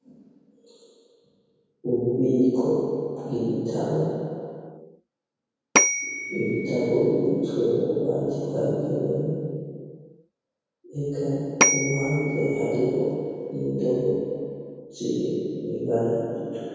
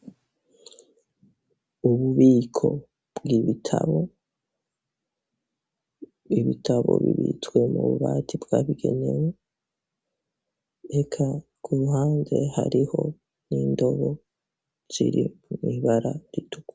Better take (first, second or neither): second